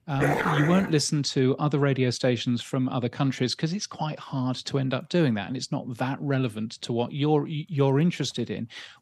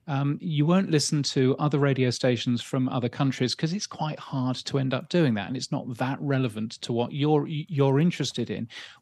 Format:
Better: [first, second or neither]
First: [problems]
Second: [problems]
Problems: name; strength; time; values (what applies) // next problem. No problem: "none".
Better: second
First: dog barking; loud; at the start; peak 1 dB above the speech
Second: none